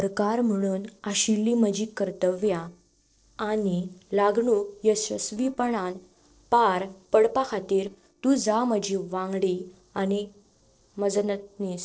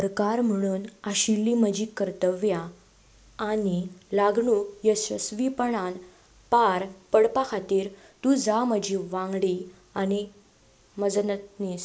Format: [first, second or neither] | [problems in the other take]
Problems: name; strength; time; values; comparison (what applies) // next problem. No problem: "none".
second | noise reduction (neural separator model SepFormer DNS4)